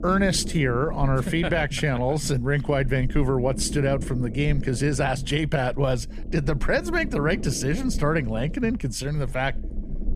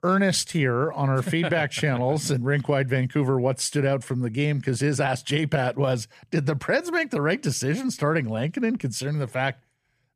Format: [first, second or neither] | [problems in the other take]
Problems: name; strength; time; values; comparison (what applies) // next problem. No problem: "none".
second | low rumble; noticeable; throughout; 15 dB below the speech